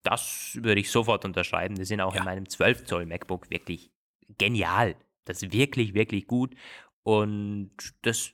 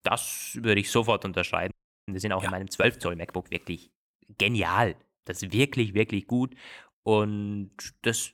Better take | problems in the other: first | audio freezing; at 1.5 s

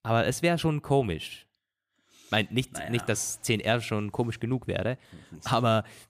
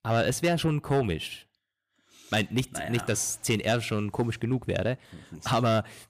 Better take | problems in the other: first | distortion; slight; 10 dB below the speech

